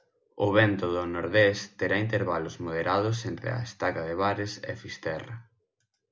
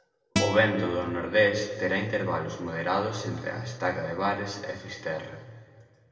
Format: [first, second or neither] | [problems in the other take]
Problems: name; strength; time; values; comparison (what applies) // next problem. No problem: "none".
first | background sound (Acoustic guitar); 8 dB below the speech // room echo; dies away in 1.7 s